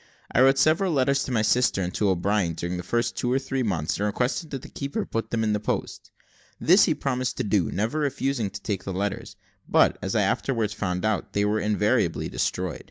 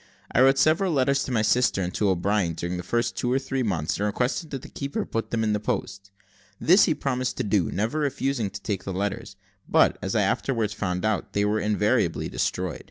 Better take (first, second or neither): second